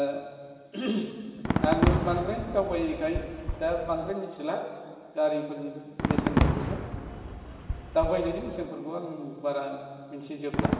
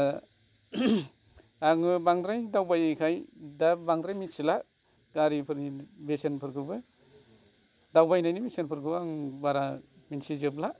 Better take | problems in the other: second | background sound (Fireworks); 1 dB below the speech // room echo; dies away in 1.6 s

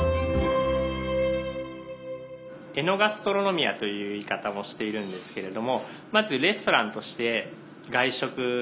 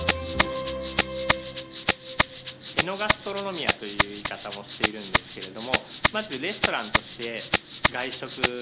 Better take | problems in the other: first | background sound (Rattle (instrument)); 5 dB above the speech

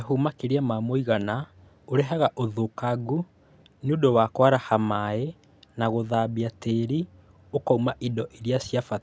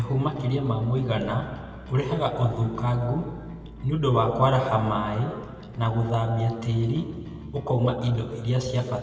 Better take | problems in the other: first | background sound (Bass guitar); 16 dB below the speech // room echo; dies away in 2.1 s

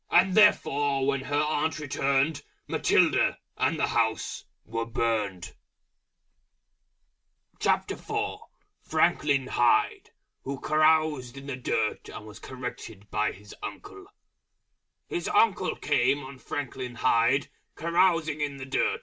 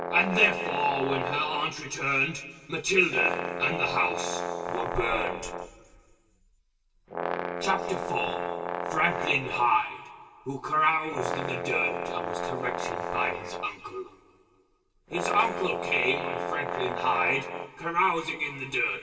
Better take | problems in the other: first | background sound (Brass instrument); 5 dB below the speech // room echo; dies away in 2.3 s

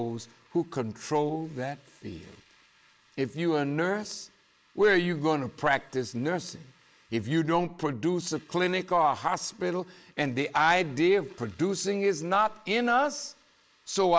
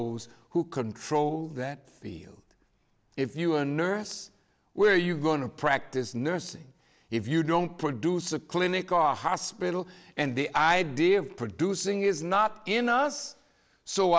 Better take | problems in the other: second | noise reduction (neural mask model Resemble Enhance denoiser)

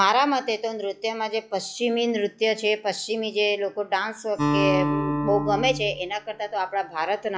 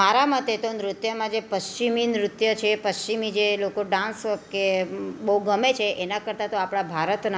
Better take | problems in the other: second | noise reduction (classical method log-MMSE)

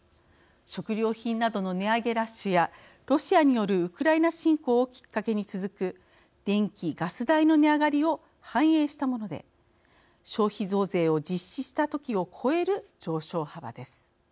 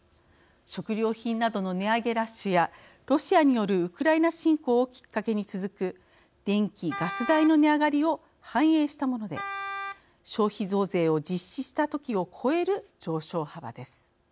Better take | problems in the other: first | background sound (Wind instrument, woodwind instrument); 10 dB below the speech

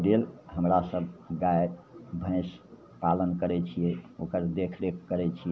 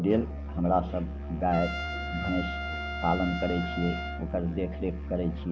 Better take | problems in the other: first | background sound (Trumpet + Musical instrument); 5 dB below the speech

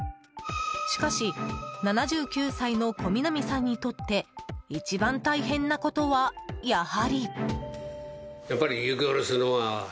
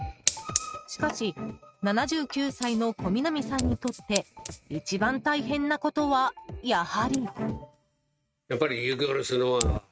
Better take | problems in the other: first | noise reduction (neural mask model RNNoise)

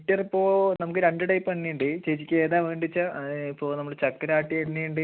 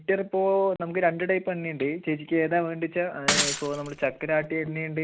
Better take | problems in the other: first | background sound (Shatter / Crushing); 2 dB below the speech

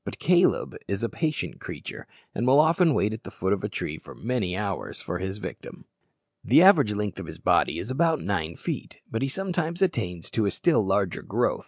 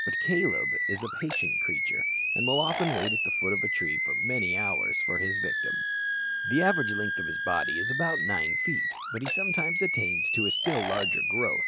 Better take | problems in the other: first | background sound (Animal); 4 dB above the speech

